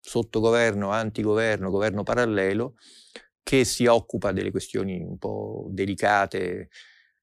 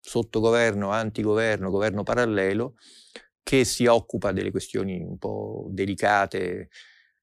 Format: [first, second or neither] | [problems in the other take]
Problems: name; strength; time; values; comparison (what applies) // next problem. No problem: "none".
neither | none